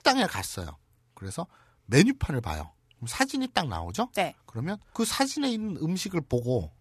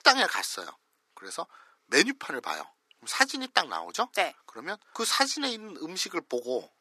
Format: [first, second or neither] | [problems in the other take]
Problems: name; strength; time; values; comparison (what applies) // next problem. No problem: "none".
first | thin; somewhat; fading below 300 Hz